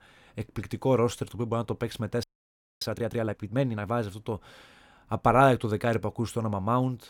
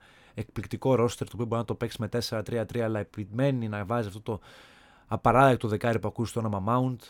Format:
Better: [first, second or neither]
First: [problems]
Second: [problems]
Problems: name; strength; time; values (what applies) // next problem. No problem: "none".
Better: second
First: audio freezing; at 2 s for 0.5 s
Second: none